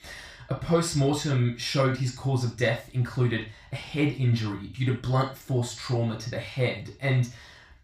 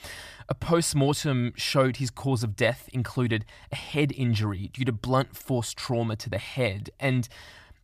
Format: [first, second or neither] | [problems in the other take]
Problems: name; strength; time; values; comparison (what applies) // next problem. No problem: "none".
second | room echo; noticeable; dies away in 0.3 s // off-mic speech; far